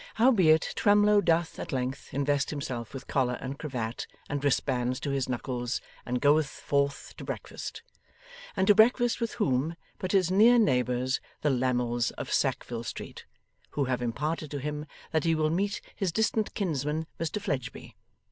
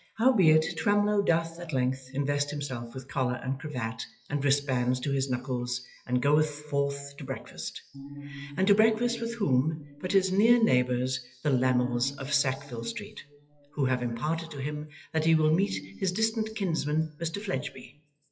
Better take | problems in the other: first | noise reduction (classical method WPE with log-MMSE)

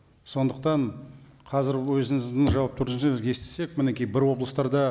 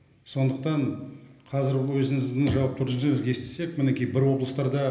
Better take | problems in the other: first | room echo; dies away in 0.8 s

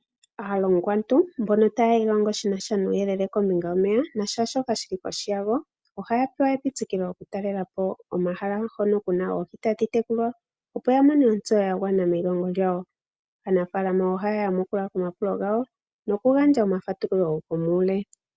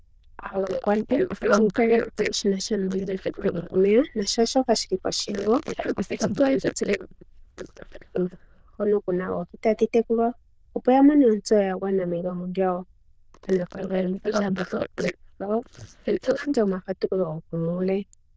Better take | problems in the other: first | noise reduction (neural diffusion model UNIVERSE++)

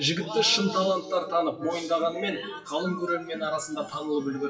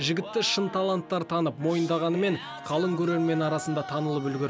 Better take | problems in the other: second | noise reduction (classical method WPE with log-MMSE)

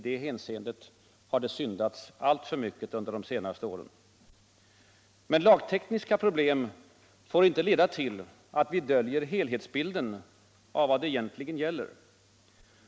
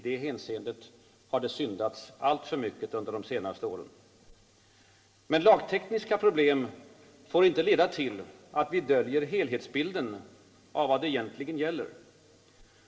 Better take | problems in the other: first | room echo; dies away in 2.6 s

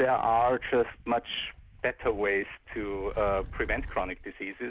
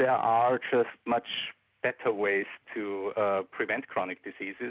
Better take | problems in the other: second | background sound (Wind); 14 dB below the speech

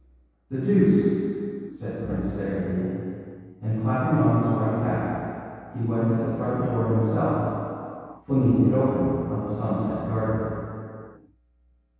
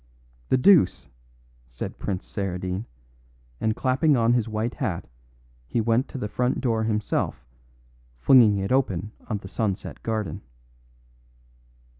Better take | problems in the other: second | room echo; dies away in 2.2 s

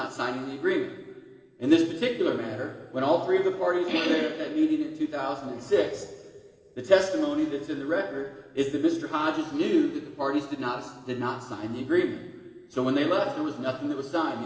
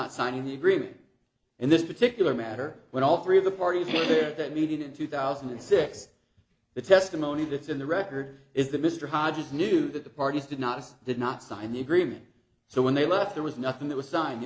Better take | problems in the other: second | room echo; dies away in 2.3 s

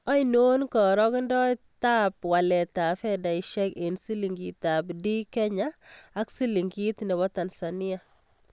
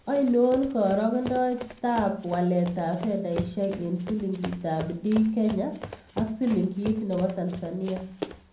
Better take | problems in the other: first | background sound (Run); 14 dB below the speech // room echo; dies away in 0.6 s

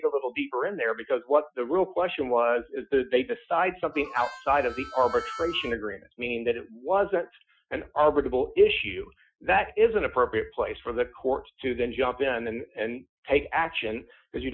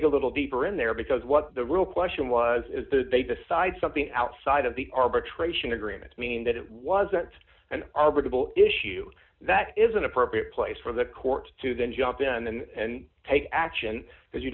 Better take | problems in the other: second | noise reduction (classical method Wiener filter)

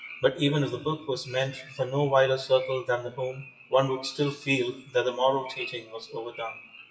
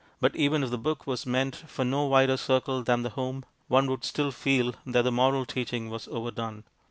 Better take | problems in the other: second | noise reduction (classical method WPE with log-MMSE)

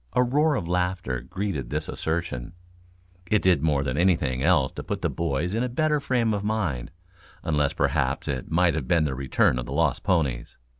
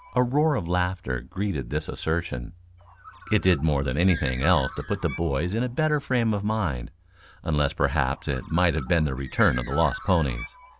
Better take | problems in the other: first | background sound (Bird); 17 dB below the speech

